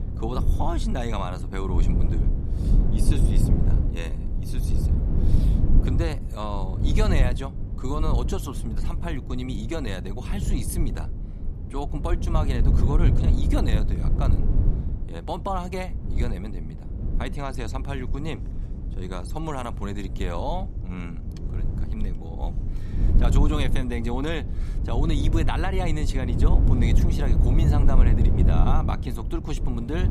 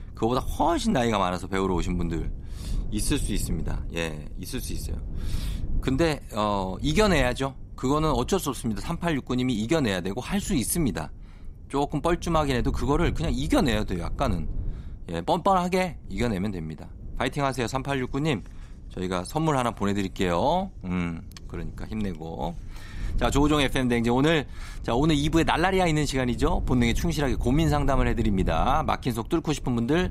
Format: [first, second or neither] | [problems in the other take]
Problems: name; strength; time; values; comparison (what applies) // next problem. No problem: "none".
second | low rumble; loud; throughout; 6 dB below the speech; faint in the second